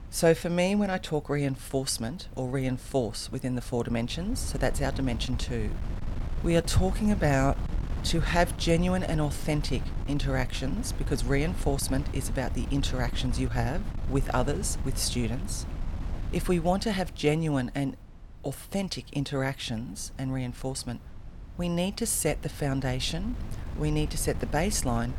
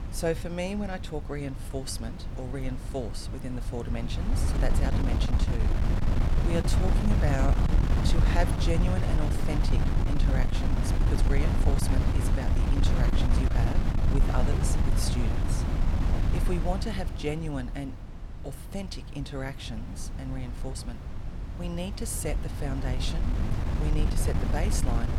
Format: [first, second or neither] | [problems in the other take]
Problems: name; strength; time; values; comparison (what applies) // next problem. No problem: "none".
first | wind noise on the microphone; heavy; 1 dB below the speech; occasional gusts in the first